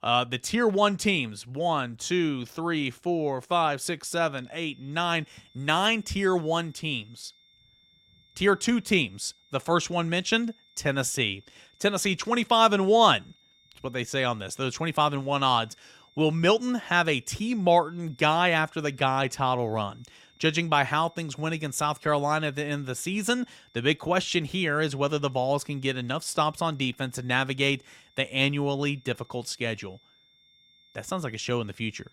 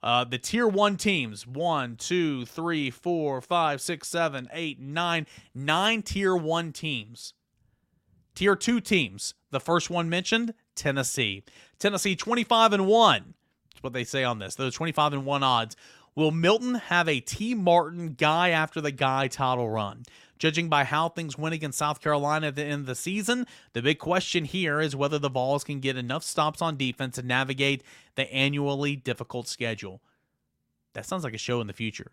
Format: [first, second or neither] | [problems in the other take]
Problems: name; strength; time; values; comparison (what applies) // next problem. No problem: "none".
second | high-pitched whine; faint; from 4 s on; 3.5 kHz, 30 dB below the speech